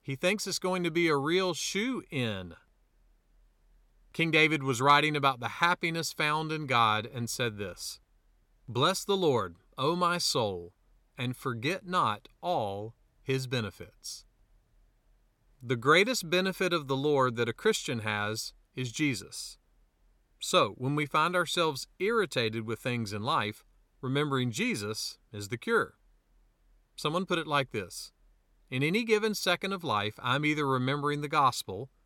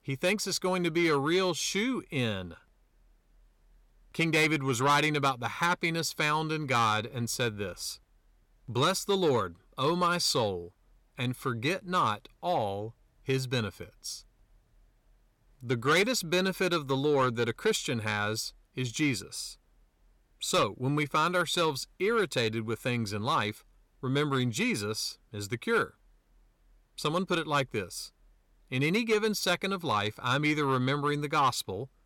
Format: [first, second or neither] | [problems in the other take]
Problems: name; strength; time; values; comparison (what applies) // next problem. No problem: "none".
first | distortion; slight; 10 dB below the speech